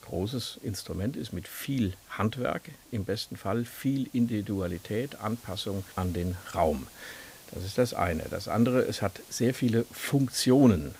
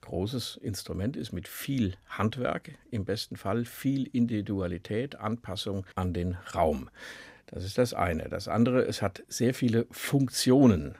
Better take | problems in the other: second | hiss; faint; throughout; 20 dB below the speech

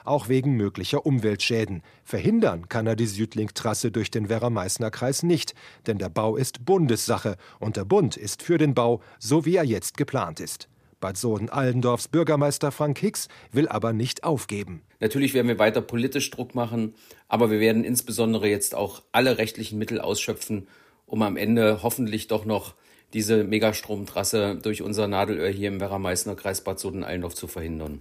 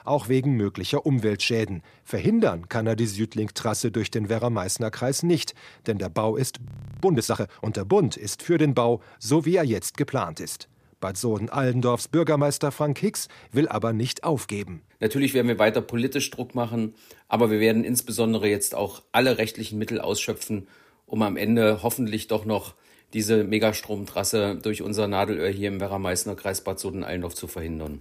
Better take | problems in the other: first | audio freezing; at 6.5 s

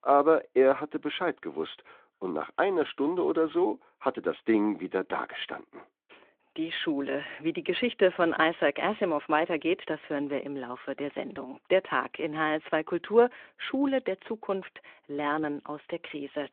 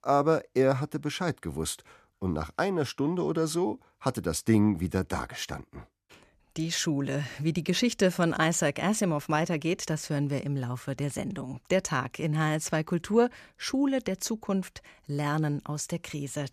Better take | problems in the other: second | phone-call audio

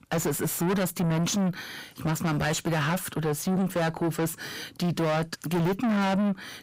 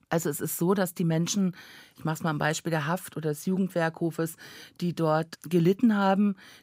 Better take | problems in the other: second | distortion; heavy; 5 dB below the speech

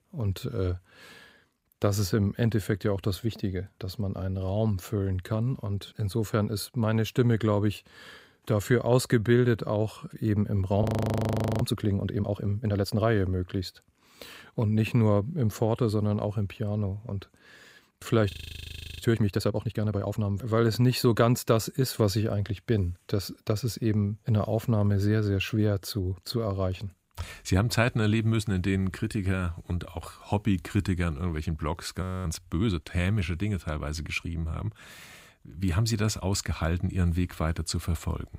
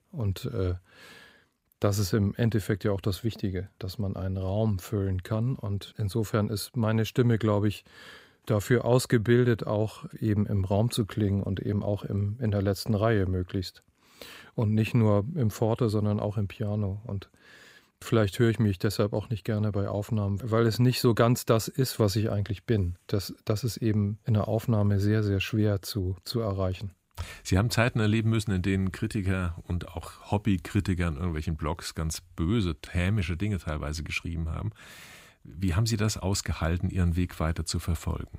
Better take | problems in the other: second | audio freezing; at 11 s for 1 s, at 18 s for 0.5 s and at 32 s

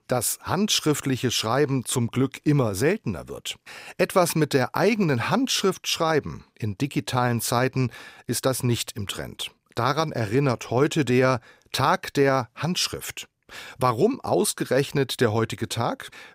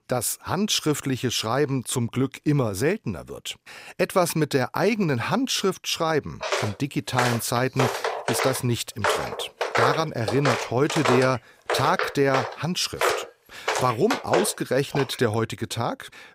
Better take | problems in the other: first | footsteps; loud; from 6.5 to 15 s; peak 2 dB above the speech

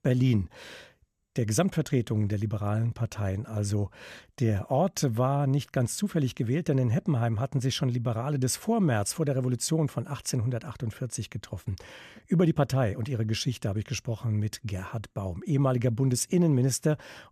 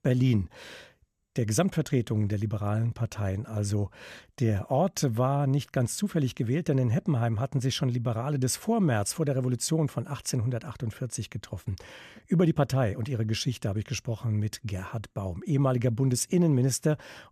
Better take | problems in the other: neither | none

